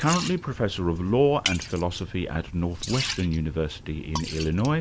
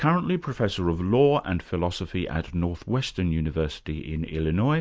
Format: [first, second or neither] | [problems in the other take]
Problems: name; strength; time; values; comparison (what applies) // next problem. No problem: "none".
second | background sound (Liquid); 10 dB below the speech